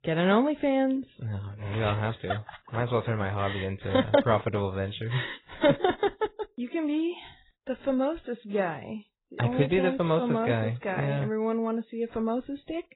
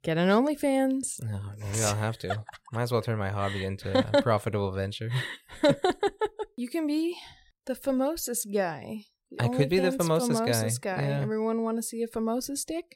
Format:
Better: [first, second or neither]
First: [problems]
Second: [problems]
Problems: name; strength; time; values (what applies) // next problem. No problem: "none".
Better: second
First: garbled, watery; badly; nothing above 4 kHz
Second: none